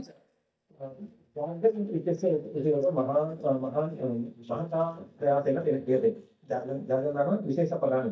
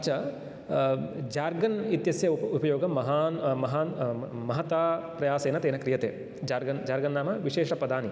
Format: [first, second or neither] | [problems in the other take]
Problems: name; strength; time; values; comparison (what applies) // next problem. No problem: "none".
second | noise reduction (neural mask model DeepFilterNet 3)